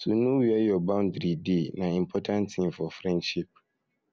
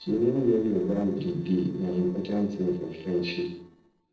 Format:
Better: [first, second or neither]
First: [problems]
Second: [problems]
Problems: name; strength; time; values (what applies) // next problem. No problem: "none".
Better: first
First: none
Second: noise reduction (neural separator model SepFormer DNS4)